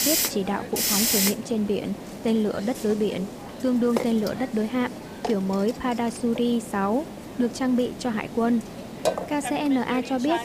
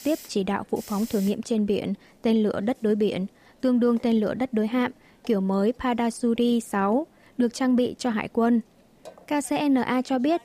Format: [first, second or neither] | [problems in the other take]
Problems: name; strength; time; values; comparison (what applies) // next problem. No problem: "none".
second | hiss; loud; throughout; 4 dB below the speech; faint in the second